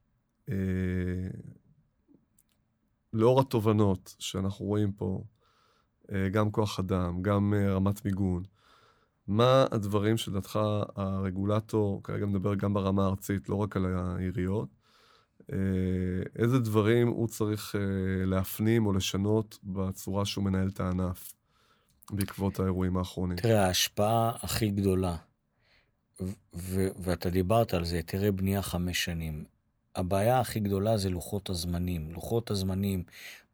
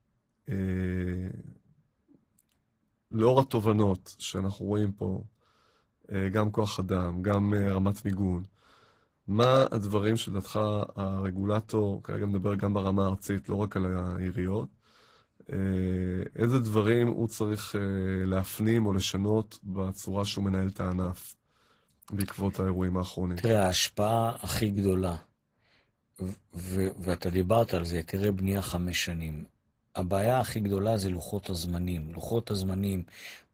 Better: first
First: none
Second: garbled, watery; slightly

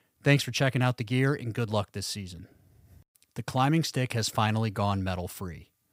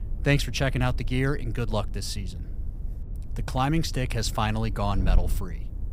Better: first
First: none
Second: wind noise on the microphone; occasional gusts; 20 dB below the speech

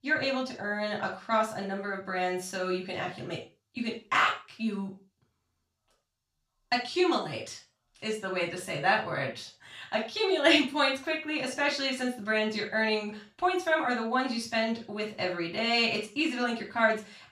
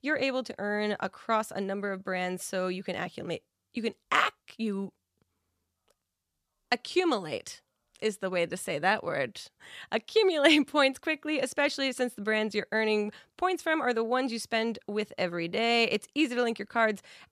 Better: second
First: room echo; slight; dies away in 0.3 s // off-mic speech; far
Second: none

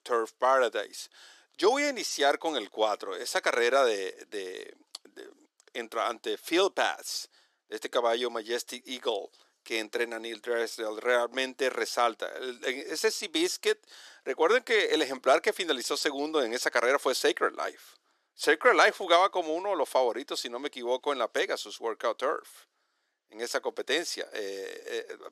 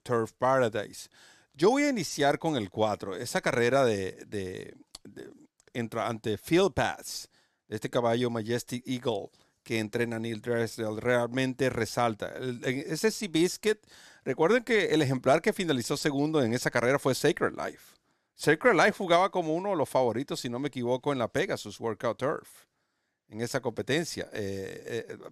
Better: second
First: thin; somewhat; fading below 350 Hz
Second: none

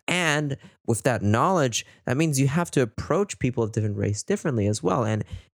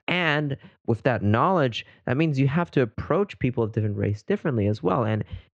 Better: first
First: none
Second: muffled; very; fading above 3.5 kHz

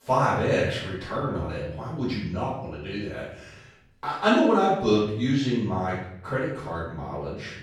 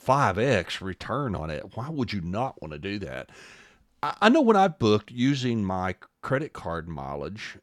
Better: second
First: off-mic speech; far // room echo; noticeable; dies away in 0.7 s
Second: none

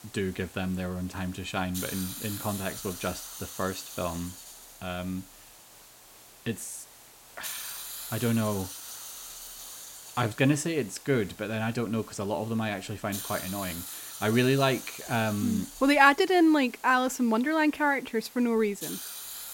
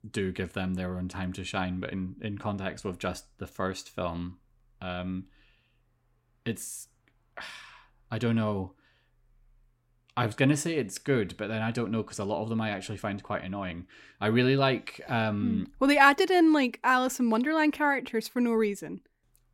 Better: second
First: hiss; noticeable; throughout; 10 dB below the speech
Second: none

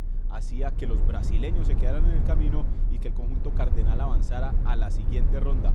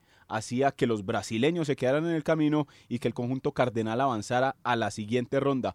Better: second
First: low rumble; loud; throughout; 4 dB below the speech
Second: none

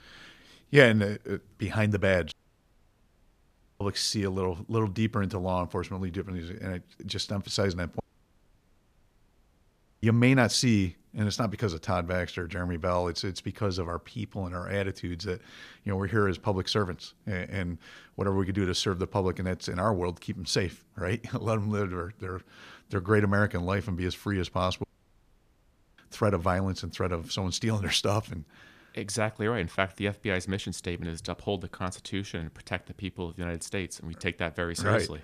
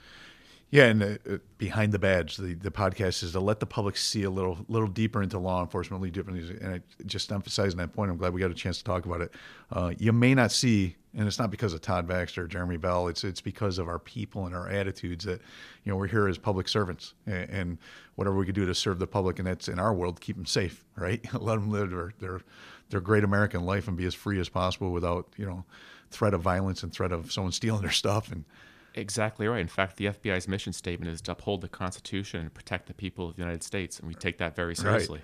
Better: second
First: audio cutting out; at 2.5 s for 1.5 s, at 8 s for 2 s and at 25 s for 1 s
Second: none

